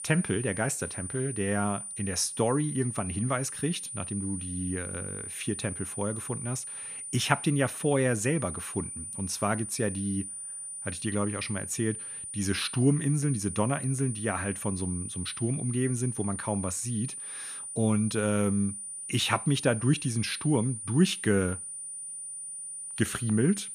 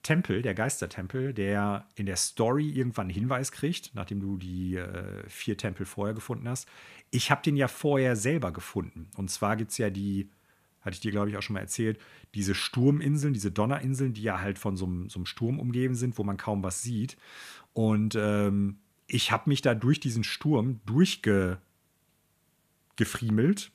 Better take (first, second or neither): second